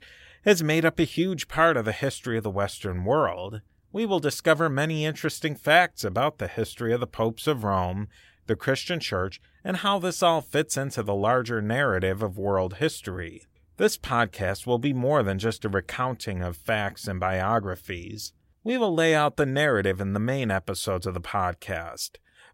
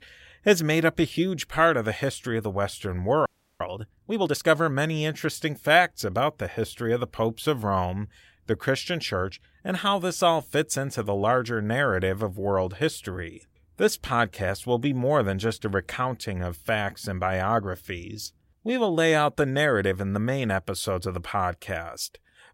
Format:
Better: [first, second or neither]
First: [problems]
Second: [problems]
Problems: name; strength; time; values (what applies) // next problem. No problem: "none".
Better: first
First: none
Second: audio freezing; at 3.5 s